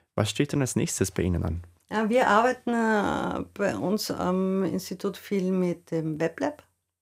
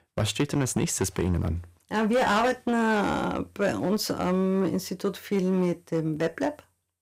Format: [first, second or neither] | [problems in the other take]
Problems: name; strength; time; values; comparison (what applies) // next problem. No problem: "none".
first | distortion; slight; 7% of the sound clipped